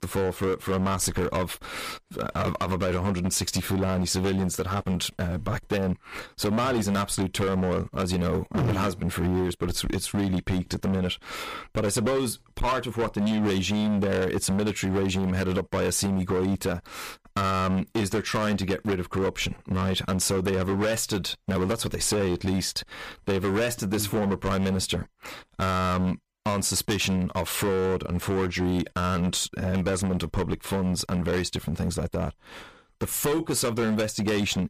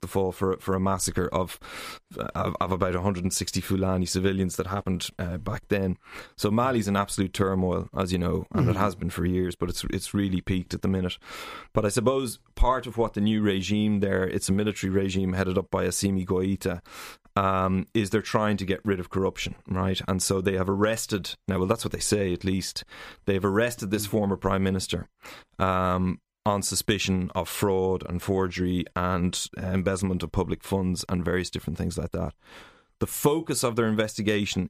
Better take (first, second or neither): second